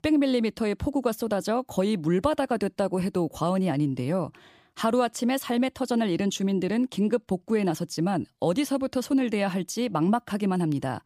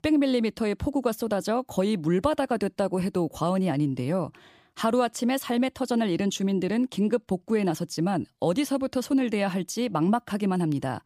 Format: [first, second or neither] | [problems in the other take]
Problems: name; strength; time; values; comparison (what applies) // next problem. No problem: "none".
neither | none